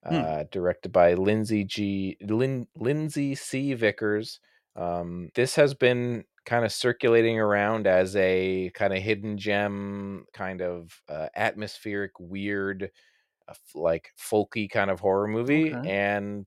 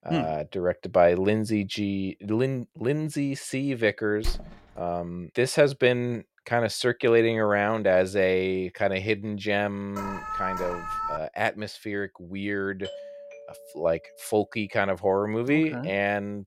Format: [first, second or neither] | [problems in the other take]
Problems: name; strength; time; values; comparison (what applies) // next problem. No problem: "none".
first | door banging; noticeable; at 4 s; peak 10 dB below the speech // alarm; noticeable; from 10 to 11 s; peak 4 dB below the speech // doorbell; faint; from 13 to 14 s; peak 15 dB below the speech